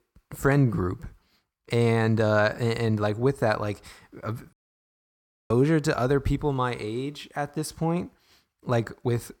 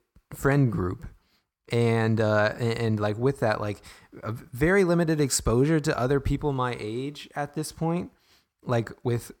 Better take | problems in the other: second | audio cutting out; at 4.5 s for 1 s

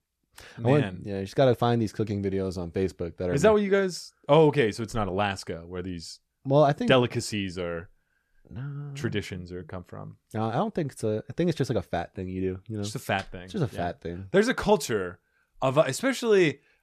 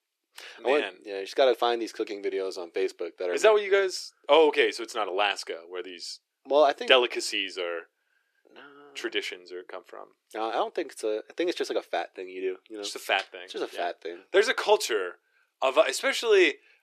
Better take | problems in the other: first | thin; very; fading below 350 Hz

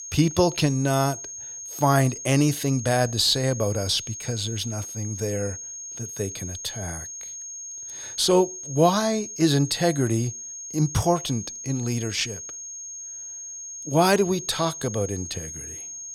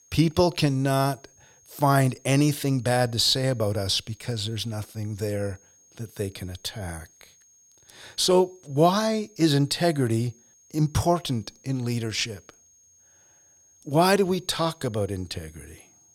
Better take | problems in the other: second | high-pitched whine; loud; throughout; 6.5 kHz, 10 dB below the speech; faint in the second

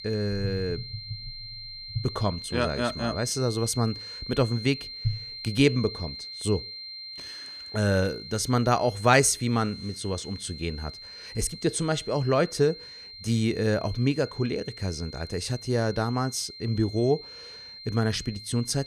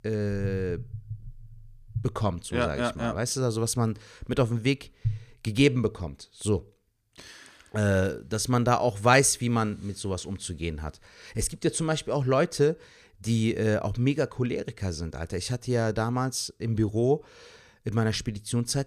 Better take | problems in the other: second | high-pitched whine; noticeable; throughout; 4 kHz, 10 dB below the speech

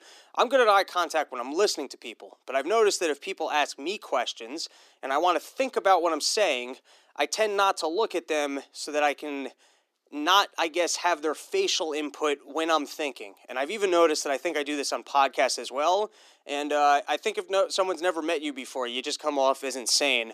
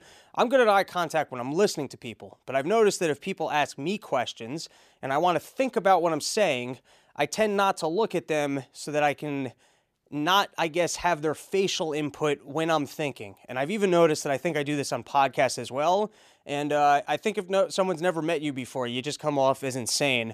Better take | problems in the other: second | thin; very slightly; fading below 250 Hz

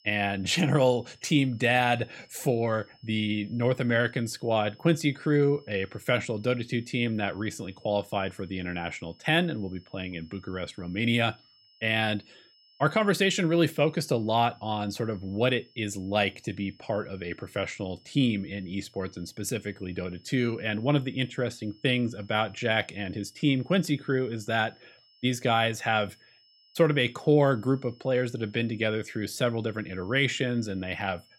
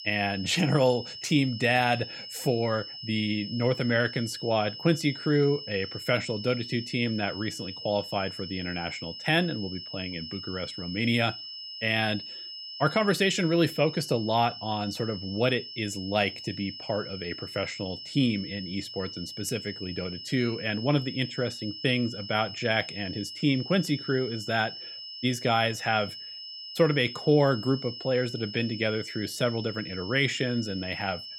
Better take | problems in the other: first | high-pitched whine; loud; throughout; 5.5 kHz, 10 dB below the speech; faint in the first

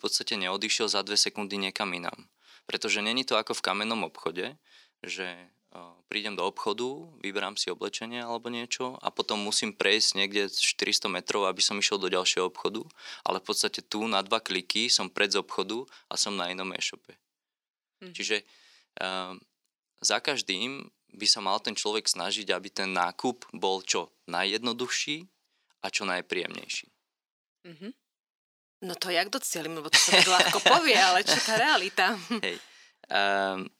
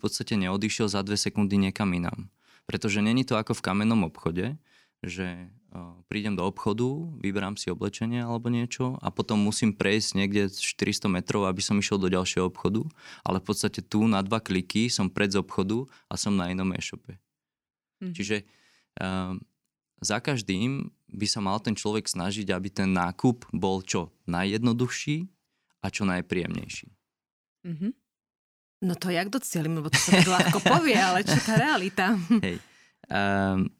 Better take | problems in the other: second | thin; somewhat; fading below 500 Hz

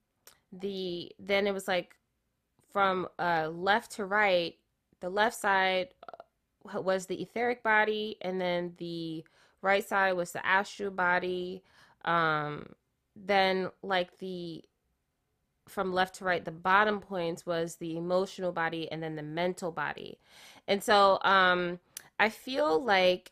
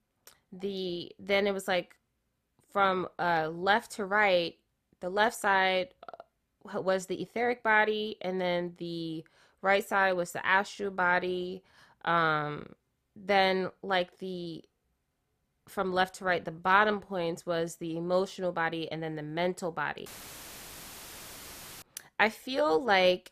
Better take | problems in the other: first | audio cutting out; filled with static; at 20 s for 2 s

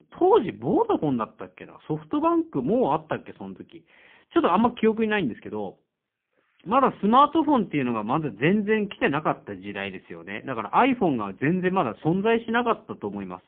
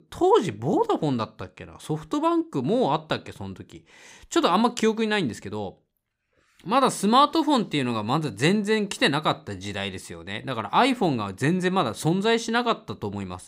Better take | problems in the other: second | phone-call audio; poor line; nothing above 3 kHz

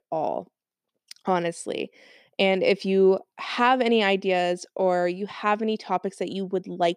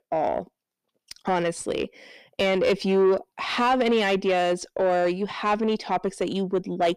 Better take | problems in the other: first | distortion; slight; 9 dB below the speech

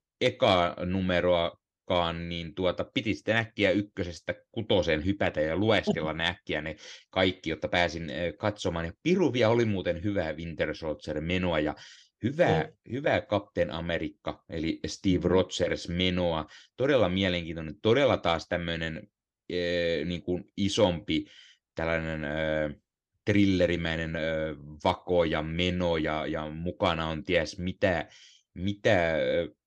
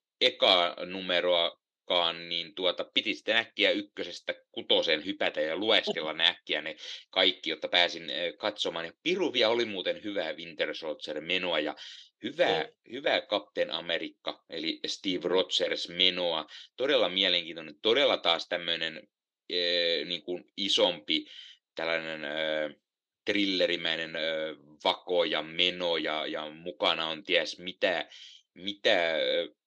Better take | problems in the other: first | thin; somewhat; fading below 400 Hz

